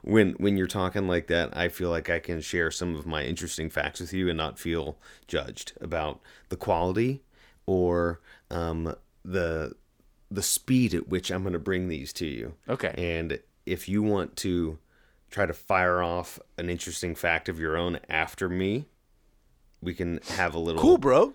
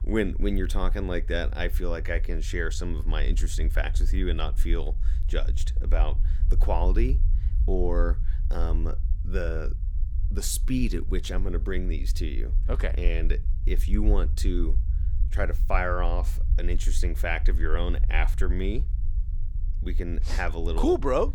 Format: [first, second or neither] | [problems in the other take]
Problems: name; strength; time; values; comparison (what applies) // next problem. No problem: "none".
first | low rumble; noticeable; throughout; 20 dB below the speech